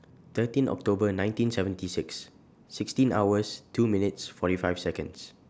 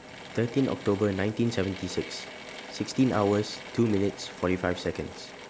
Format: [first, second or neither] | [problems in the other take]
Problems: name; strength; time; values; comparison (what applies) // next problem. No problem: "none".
first | background sound (Drill / Mechanisms); 14 dB below the speech